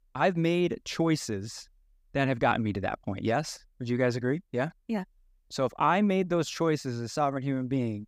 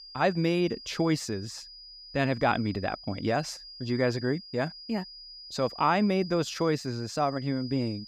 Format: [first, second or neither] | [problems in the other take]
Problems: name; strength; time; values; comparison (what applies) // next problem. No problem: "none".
first | high-pitched whine; noticeable; throughout; 5 kHz, 15 dB below the speech